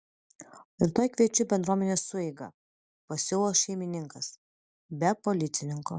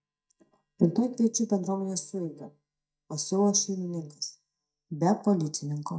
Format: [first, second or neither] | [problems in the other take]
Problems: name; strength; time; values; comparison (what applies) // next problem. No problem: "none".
first | noise reduction (neural mask model DeepFilterNet 3)